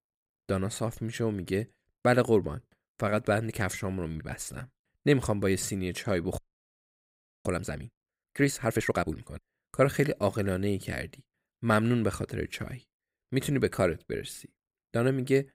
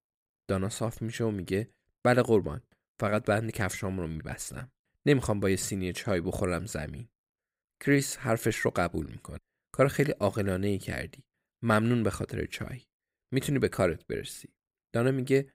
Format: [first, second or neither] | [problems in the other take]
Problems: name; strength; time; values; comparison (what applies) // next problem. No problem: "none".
second | audio freezing; at 6.5 s for 1 s